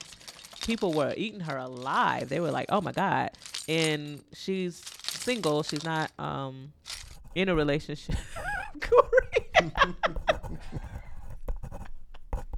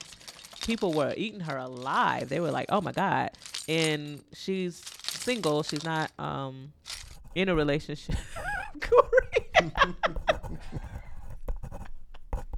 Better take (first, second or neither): neither